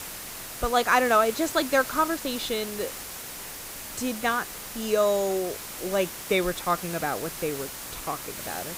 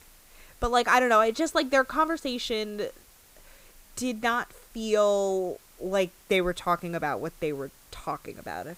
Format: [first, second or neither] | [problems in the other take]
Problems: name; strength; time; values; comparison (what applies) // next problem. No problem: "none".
second | hiss; loud; throughout; 9 dB below the speech; faint in the second